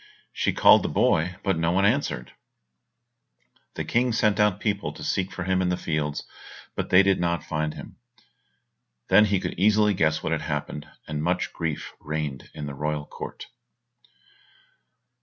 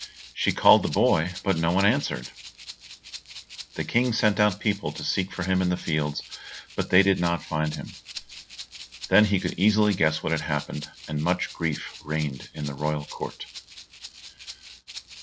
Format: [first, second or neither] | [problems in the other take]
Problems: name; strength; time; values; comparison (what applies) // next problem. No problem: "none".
first | background sound (Rattle (instrument)); 16 dB below the speech